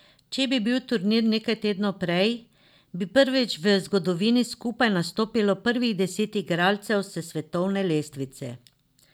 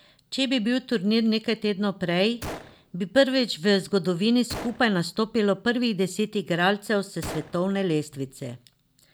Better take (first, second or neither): first